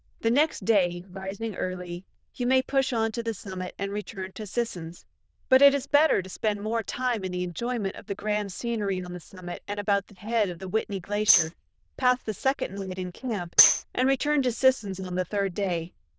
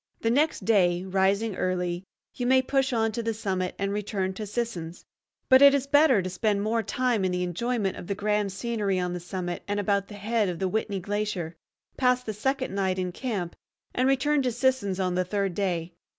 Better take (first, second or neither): second